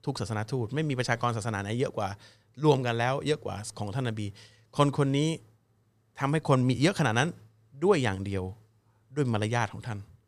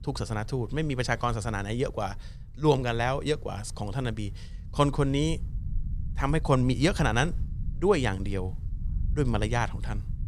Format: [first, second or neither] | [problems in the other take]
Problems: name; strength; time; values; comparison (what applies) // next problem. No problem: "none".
first | low rumble; faint; throughout; 25 dB below the speech